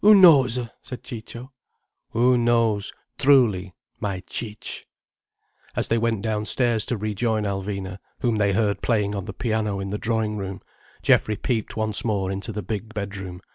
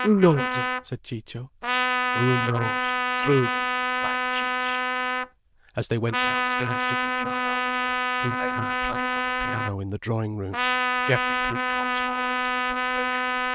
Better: first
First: none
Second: noise reduction (neural diffusion model UNIVERSE++)

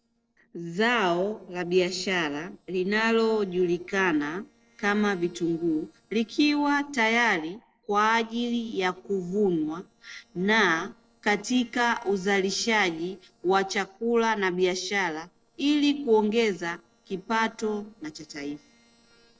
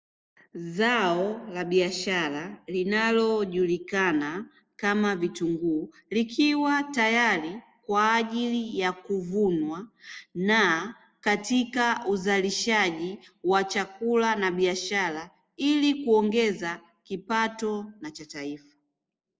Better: second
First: noise reduction (neural separator model SepFormer DNS4)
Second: none

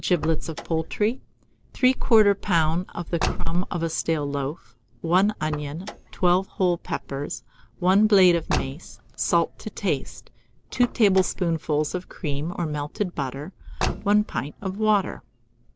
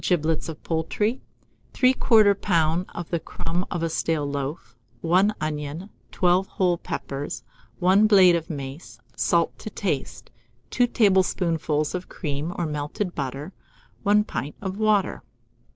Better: second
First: background sound (Car); 14 dB below the speech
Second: none

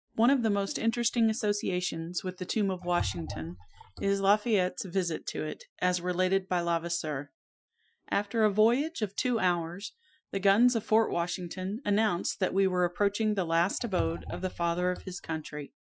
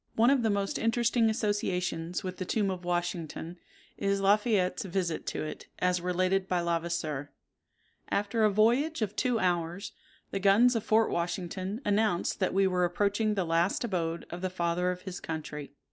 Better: second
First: noise reduction (classical method Wiener filter)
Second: none

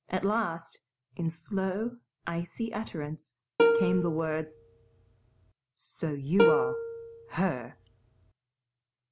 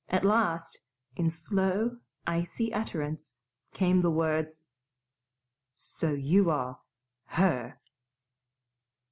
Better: second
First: background sound (Plucked string instrument); 3 dB above the speech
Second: none

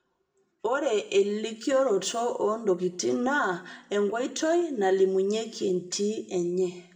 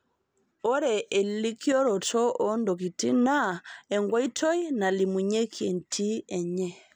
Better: second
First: room echo; dies away in 0.7 s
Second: none

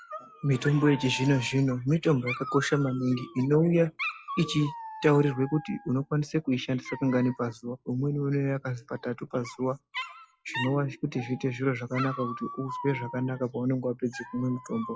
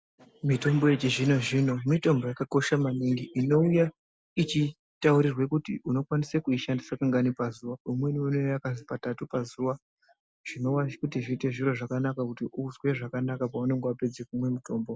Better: second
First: noise reduction (classical method log-MMSE)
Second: none

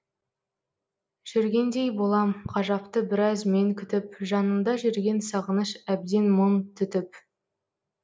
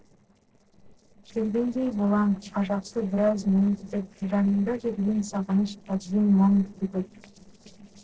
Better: first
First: none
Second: noise reduction (neural separator model SepFormer DNS4)

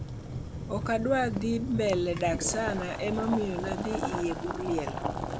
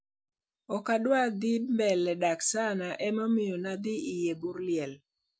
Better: second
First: background sound (Boiling); 4 dB below the speech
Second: none

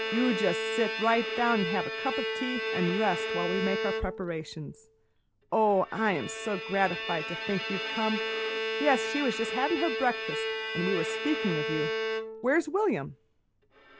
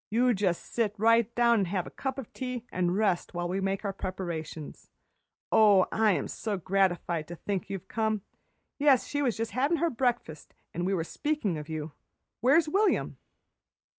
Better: second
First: background sound (Bowed string instrument); 3 dB below the speech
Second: none

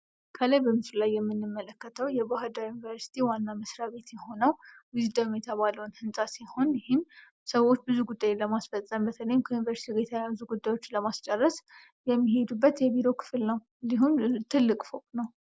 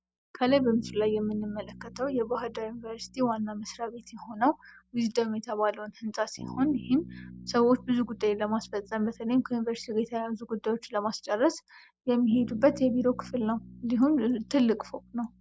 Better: first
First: none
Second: background sound (Bass guitar); 18 dB below the speech

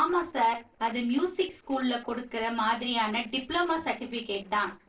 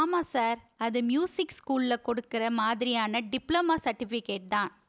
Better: second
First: noise reduction (neural separator model SepFormer DNS4)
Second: none

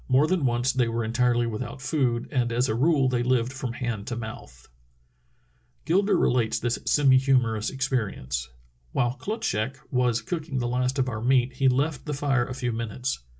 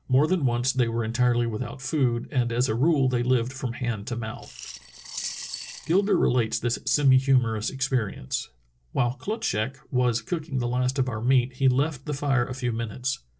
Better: first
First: none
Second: noise reduction (neural separator model SepFormer DNS4)

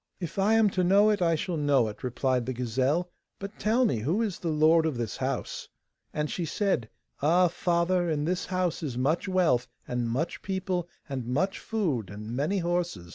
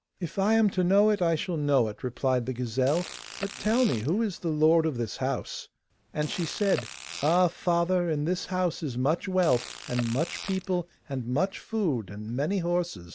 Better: first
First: none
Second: background sound (Fart); 15 dB below the speech

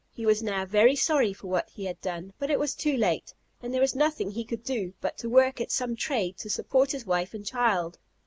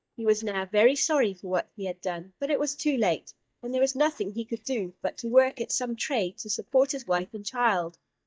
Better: first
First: none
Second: noise reduction (neural mask model DeepFilterNet 3)

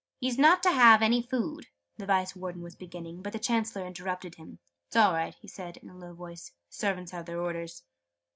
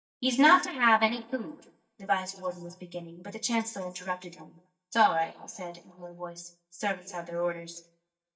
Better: first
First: none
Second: noise reduction (neural mask model DeepFilterNet 3)

